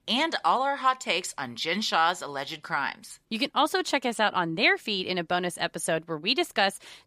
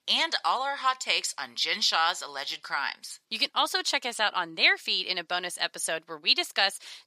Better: first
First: none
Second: thin; somewhat; fading below 1 kHz

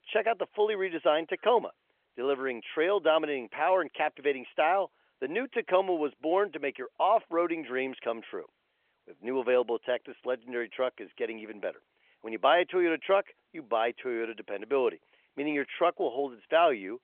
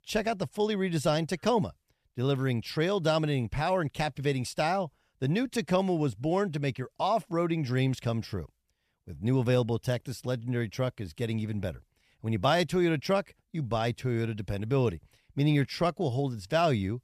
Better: second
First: phone-call audio; nothing above 3.5 kHz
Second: none

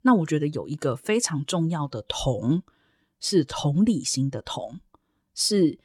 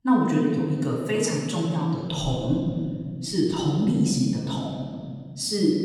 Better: first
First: none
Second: off-mic speech; far // room echo; noticeable; dies away in 2 s

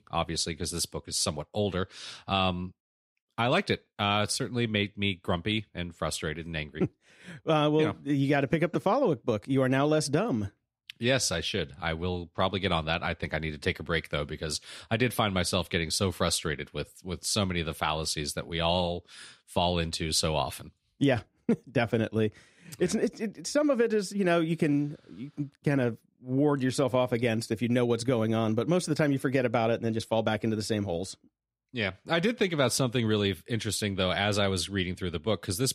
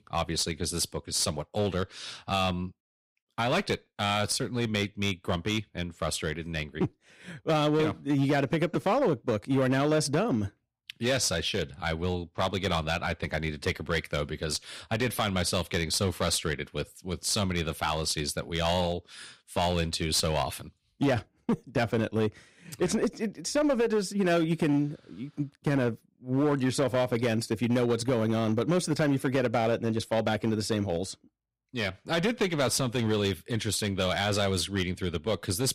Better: first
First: none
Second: distortion; slight; 6% of the sound clipped

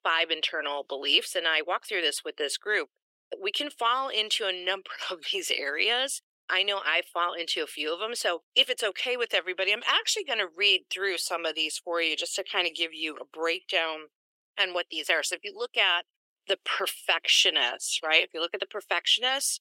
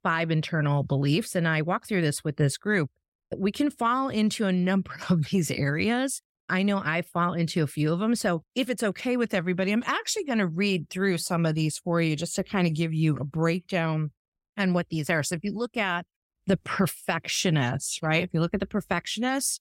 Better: second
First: thin; very; fading below 400 Hz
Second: none

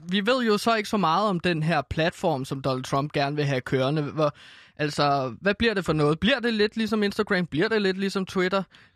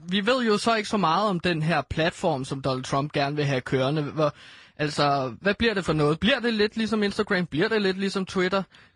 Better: first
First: none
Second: garbled, watery; slightly; nothing above 10 kHz

